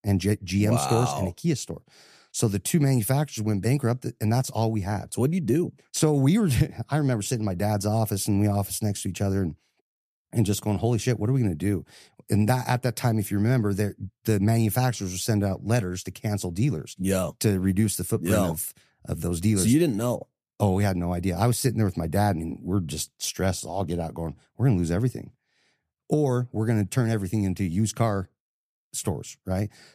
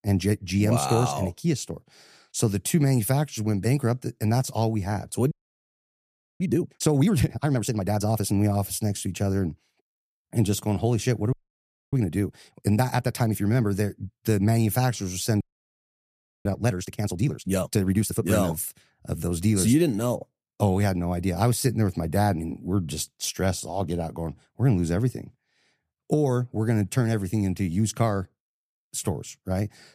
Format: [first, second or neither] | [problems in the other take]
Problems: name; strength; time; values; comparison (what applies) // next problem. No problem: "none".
first | audio freezing; at 5.5 s for 1 s, at 11 s for 0.5 s and at 15 s for 1 s